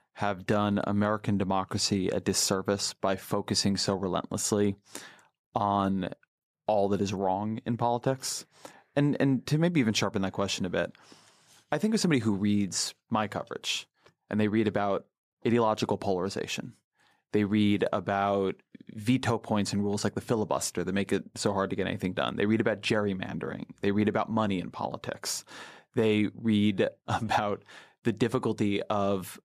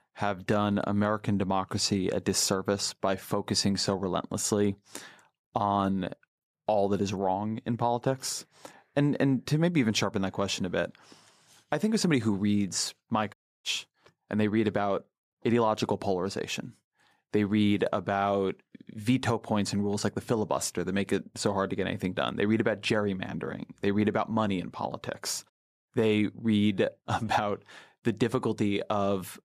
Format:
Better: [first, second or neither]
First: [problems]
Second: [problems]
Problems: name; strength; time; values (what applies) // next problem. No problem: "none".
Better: first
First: none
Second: audio cutting out; at 13 s and at 26 s